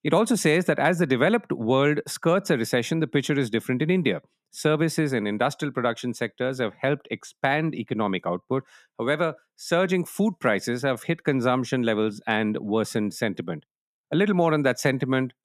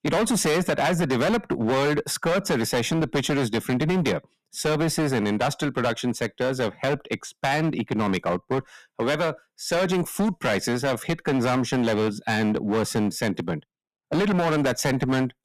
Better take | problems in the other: first | distortion; heavy; 17% of the sound clipped

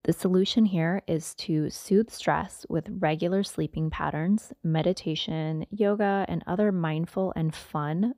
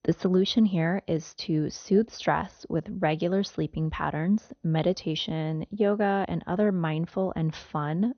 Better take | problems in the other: first | garbled, watery; slightly; nothing above 6.5 kHz

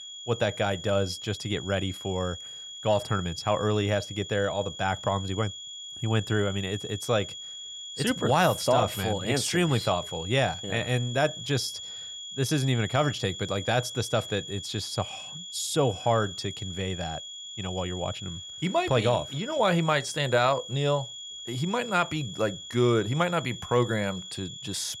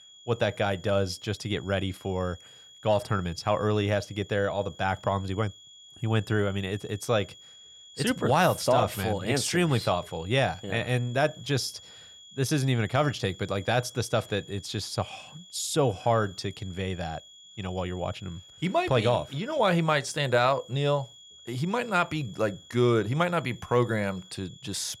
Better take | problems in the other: second | high-pitched whine; loud; throughout; 3.5 kHz, 10 dB below the speech; faint in the second

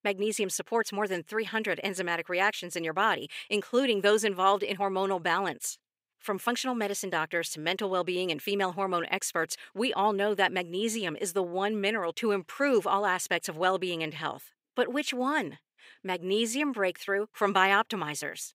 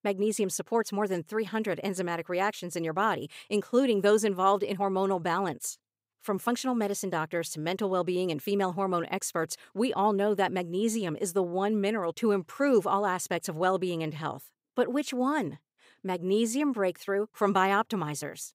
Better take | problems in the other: second | thin; very slightly; fading below 300 Hz

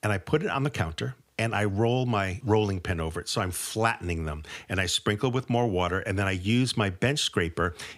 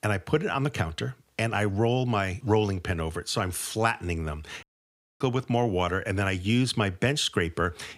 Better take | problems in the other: first | audio cutting out; at 4.5 s for 0.5 s

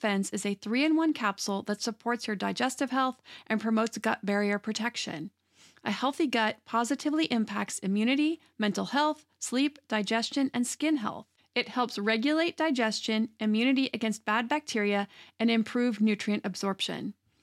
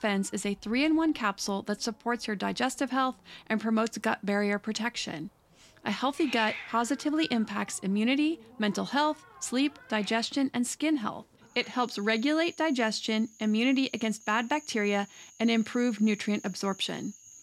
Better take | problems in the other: first | animal sounds; noticeable; throughout; 20 dB below the speech

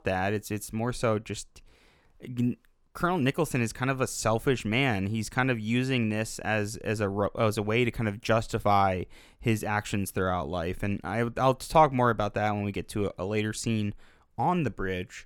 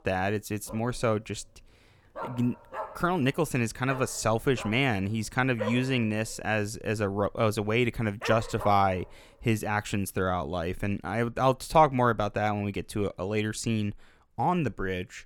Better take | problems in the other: first | dog barking; noticeable; from 0.5 to 9 s; peak 7 dB below the speech

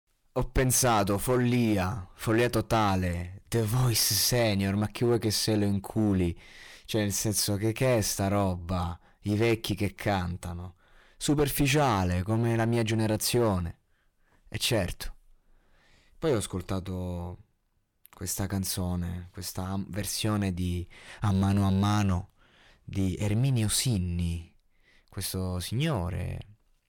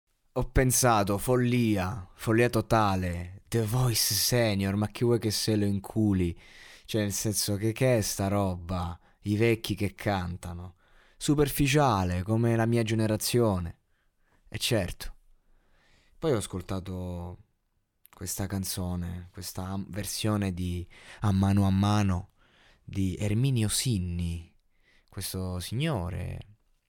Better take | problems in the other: second | distortion; slight; 5% of the sound clipped

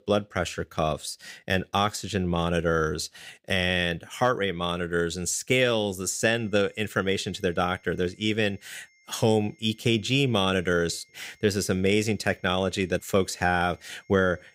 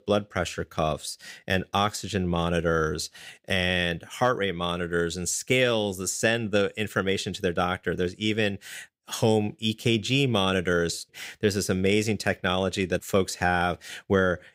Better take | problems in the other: second | high-pitched whine; faint; from 6.5 s on; 2 kHz, 35 dB below the speech

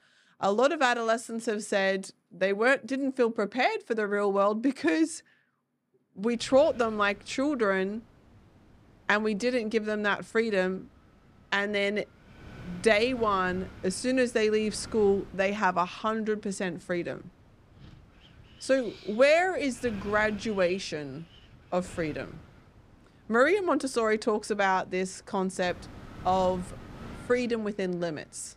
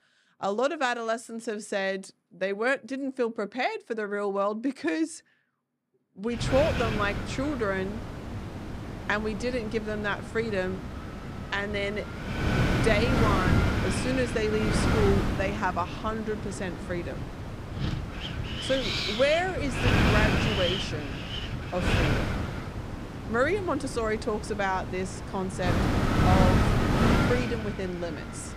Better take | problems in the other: first | wind noise on the microphone; heavy; from 6.5 s on; 2 dB below the speech; occasional gusts in the first

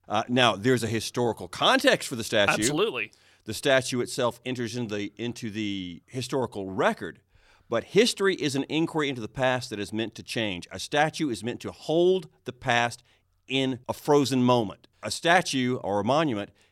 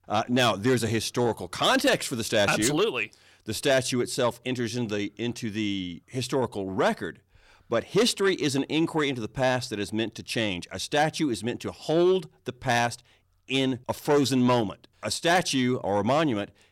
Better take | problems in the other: first | distortion; slight; 10 dB below the speech

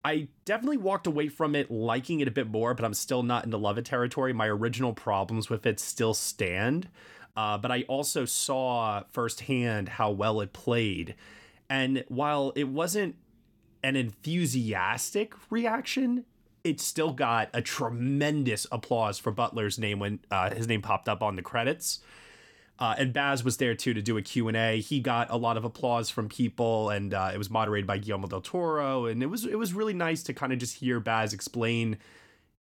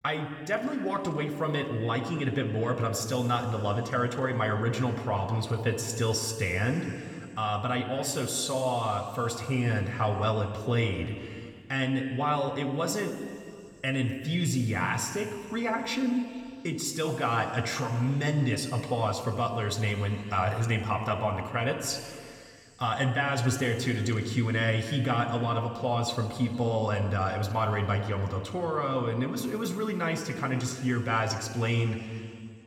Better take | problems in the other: first | room echo; slight; dies away in 2.5 s

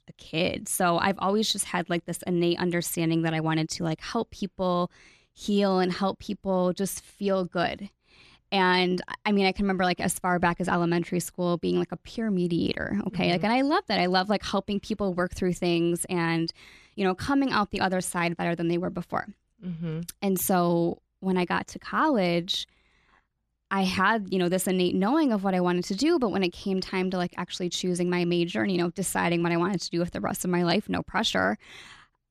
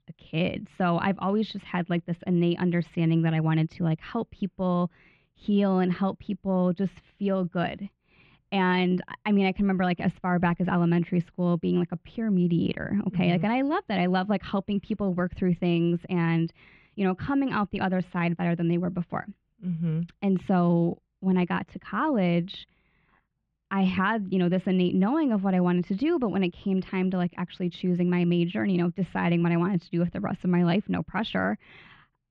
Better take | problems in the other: first | muffled; very; fading above 3 kHz

